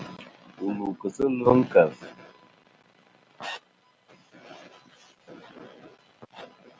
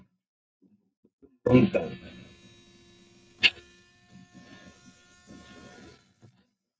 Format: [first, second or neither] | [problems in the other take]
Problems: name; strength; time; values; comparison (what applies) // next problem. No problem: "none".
first | noise reduction (neural mask model DeepFilterNet 3)